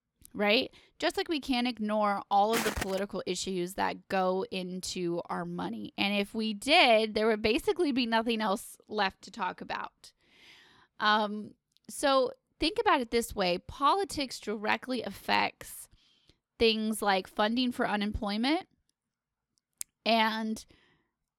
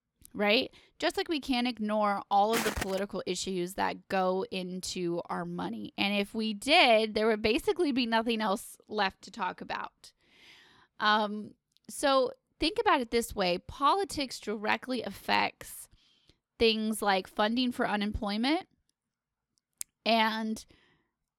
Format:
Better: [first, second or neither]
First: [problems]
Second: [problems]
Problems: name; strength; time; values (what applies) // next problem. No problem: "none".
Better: neither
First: footsteps; noticeable; at 2.5 s; peak 3 dB below the speech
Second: footsteps; noticeable; at 2.5 s; peak 3 dB below the speech